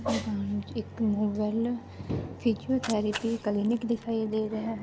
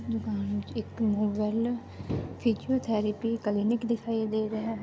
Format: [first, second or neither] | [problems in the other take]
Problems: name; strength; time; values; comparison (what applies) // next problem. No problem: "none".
second | background sound (Cat); 14 dB below the speech